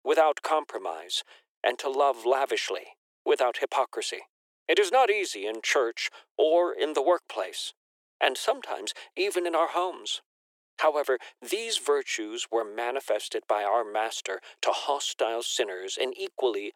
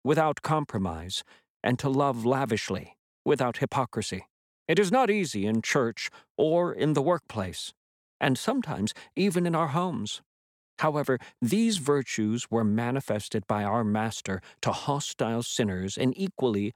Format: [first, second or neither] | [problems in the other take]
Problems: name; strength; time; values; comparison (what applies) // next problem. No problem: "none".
second | thin; very; fading below 350 Hz